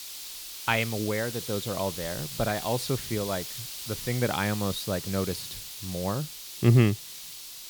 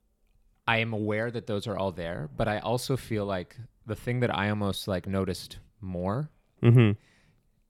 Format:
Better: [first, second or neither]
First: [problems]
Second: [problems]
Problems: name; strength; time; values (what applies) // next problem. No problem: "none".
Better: second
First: hiss; loud; throughout; 7 dB below the speech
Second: none